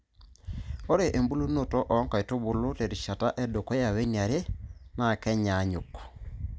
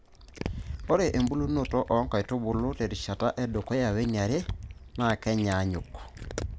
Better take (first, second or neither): first